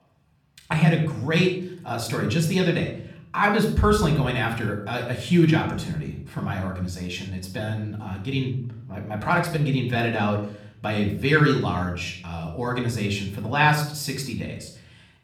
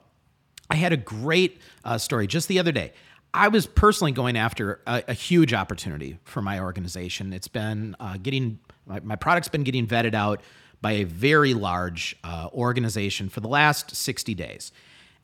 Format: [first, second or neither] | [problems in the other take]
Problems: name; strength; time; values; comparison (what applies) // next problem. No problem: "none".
second | off-mic speech; somewhat distant // room echo; slight; dies away in 0.6 s